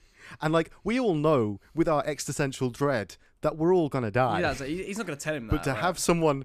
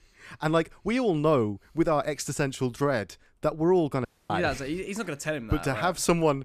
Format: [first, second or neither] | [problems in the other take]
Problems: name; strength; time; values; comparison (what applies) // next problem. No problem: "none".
first | audio cutting out; at 4 s